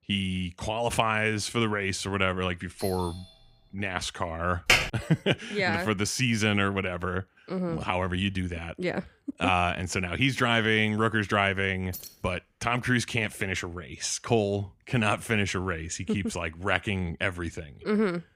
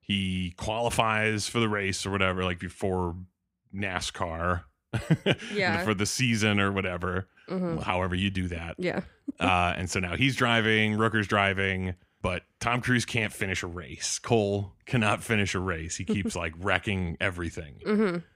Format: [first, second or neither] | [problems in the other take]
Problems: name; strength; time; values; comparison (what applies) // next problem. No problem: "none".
second | doorbell; faint; at 3 s; peak 15 dB below the speech // keyboard typing; loud; at 4.5 s; peak 6 dB above the speech // jangling keys; faint; at 12 s; peak 15 dB below the speech